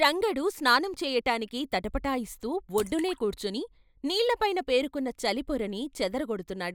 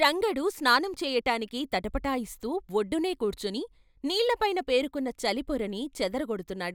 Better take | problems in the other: second | noise reduction (neural mask model Resemble Enhance denoiser)

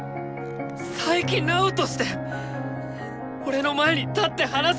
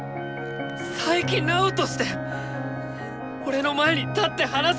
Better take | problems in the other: first | background sound (Wind instrument, woodwind instrument + Wind instrument, woodwind instrument); 16 dB below the speech

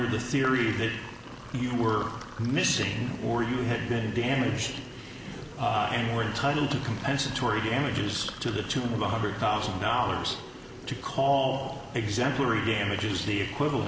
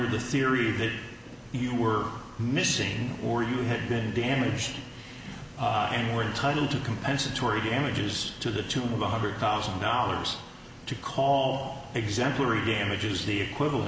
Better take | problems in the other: second | background sound (Sink (filling or washing)); 18 dB below the speech

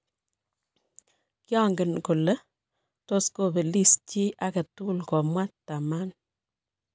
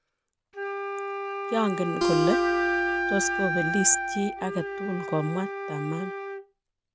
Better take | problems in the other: first | background sound (Acoustic guitar + Wind instrument, woodwind instrument); 1 dB above the speech

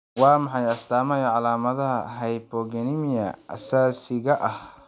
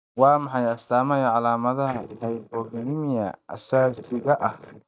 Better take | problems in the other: first | noise reduction (neural mask model DeepFilterNet 3)

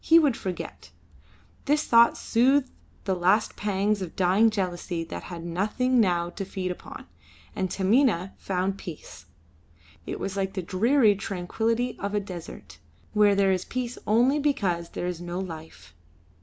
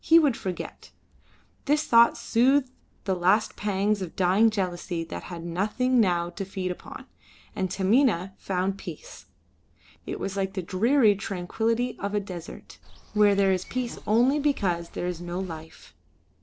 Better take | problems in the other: first | noise reduction (neural separator model SepFormer DNS4)

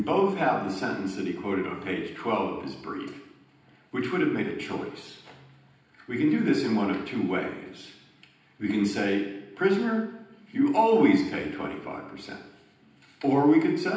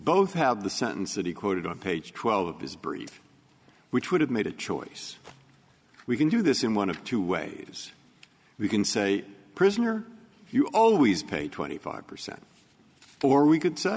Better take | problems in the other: second | room echo; dies away in 0.9 s

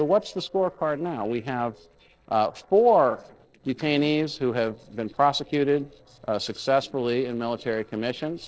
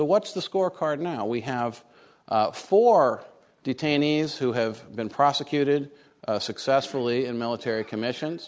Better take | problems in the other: second | noise reduction (neural separator model SepFormer DNS4)

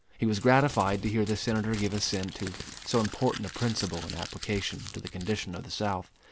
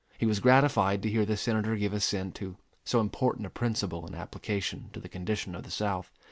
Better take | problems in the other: second | background sound (Crumpling, crinkling); 13 dB below the speech

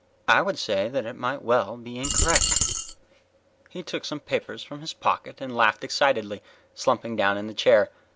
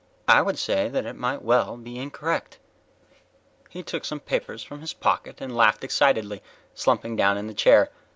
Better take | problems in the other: second | background sound (Coin (dropping)); 2 dB above the speech

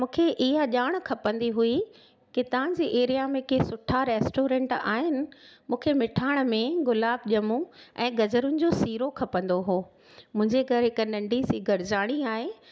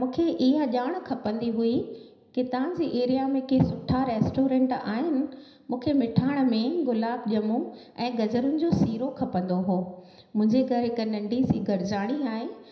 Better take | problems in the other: first | room echo; dies away in 0.9 s

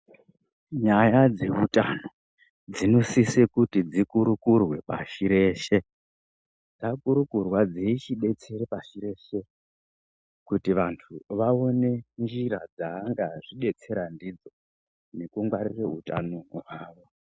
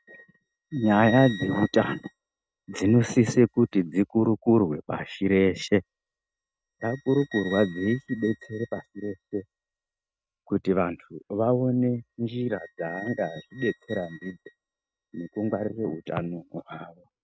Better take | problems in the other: first | noise reduction (neural mask model RNNoise)

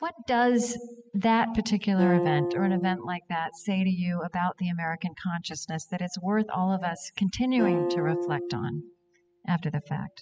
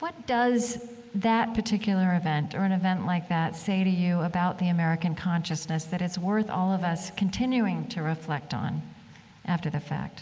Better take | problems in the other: second | noise reduction (classical method spectral subtraction)

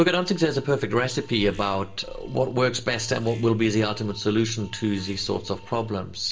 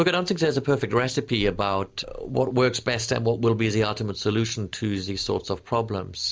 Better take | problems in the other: second | background sound (Alarm); 20 dB below the speech // room echo; dies away in 0.6 s

